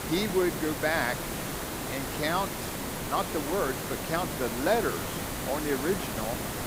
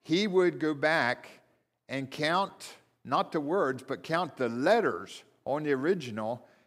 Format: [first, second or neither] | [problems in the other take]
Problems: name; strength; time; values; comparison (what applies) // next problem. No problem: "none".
second | hiss; loud; throughout; 3 dB below the speech